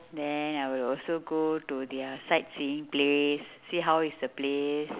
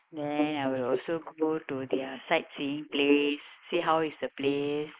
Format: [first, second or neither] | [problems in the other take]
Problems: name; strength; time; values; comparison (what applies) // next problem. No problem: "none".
first | noise reduction (neural mask model Resemble Enhance denoiser)